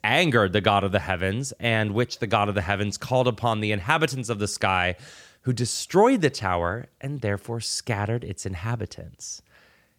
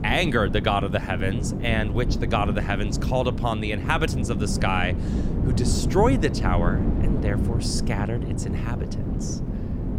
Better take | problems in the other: first | wind noise on the microphone; heavy; 9 dB below the speech

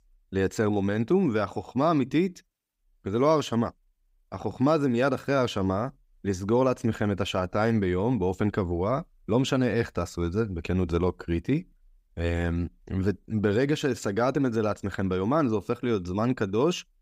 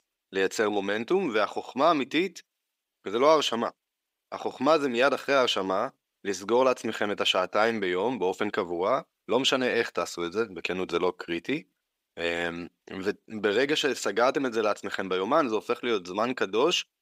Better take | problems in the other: first | thin; somewhat; fading below 400 Hz

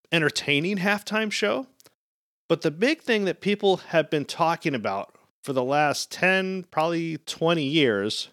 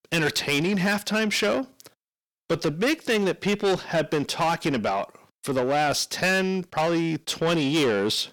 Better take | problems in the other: first | distortion; heavy; 7 dB below the speech

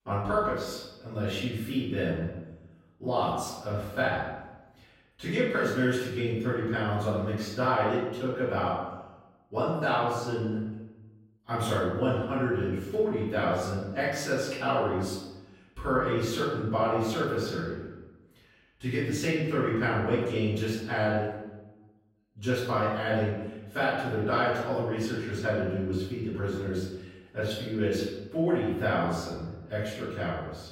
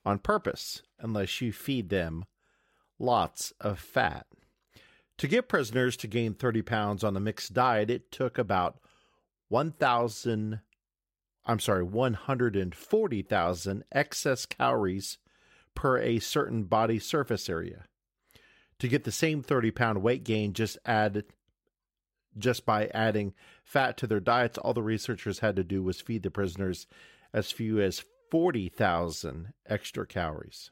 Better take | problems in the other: second | room echo; noticeable; dies away in 1 s // off-mic speech; far

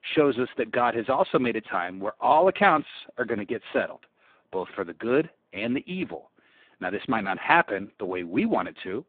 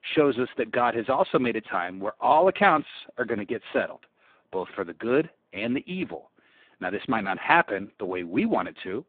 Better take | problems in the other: neither | phone-call audio; poor line; nothing above 3.5 kHz; the same in both

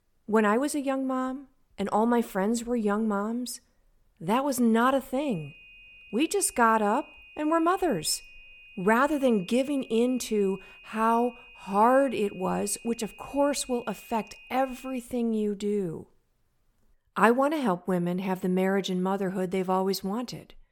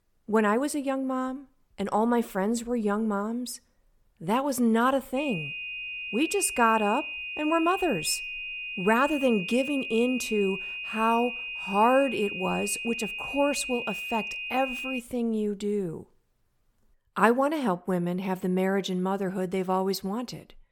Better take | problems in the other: first | high-pitched whine; loud; from 5 to 15 s; 2.5 kHz, 6 dB below the speech; faint in the first

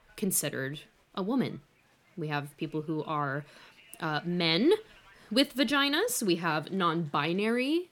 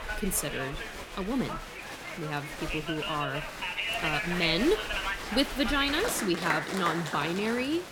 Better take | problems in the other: first | crowd noise; loud; throughout; 3 dB below the speech; faint in the first

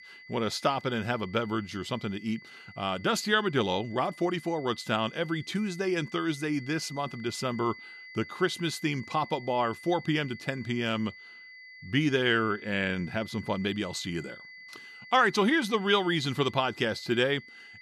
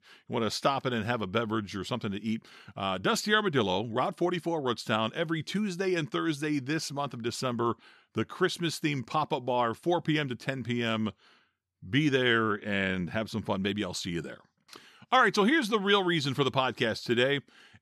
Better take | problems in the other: second | high-pitched whine; noticeable; throughout; 2 kHz, 15 dB below the speech

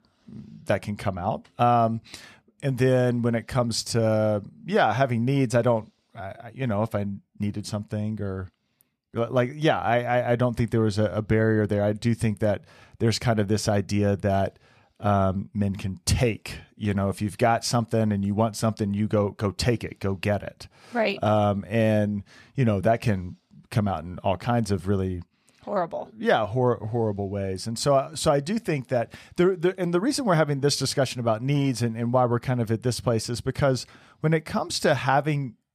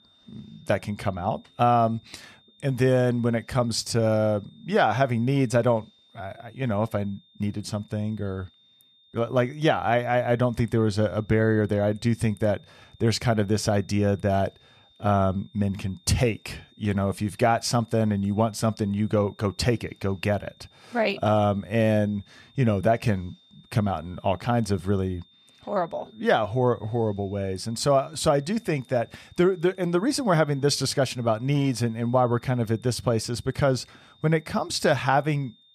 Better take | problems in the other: first | high-pitched whine; faint; throughout; 3.5 kHz, 30 dB below the speech

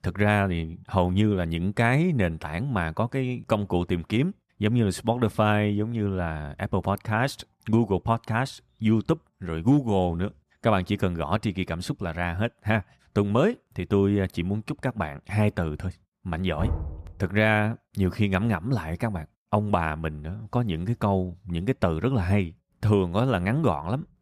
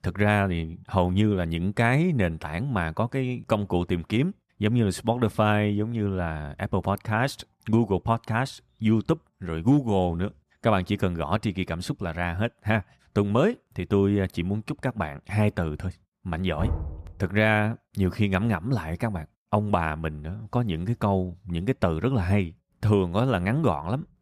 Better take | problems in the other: neither | door banging; noticeable; at 17 s; peak 5 dB below the speech; the same in both

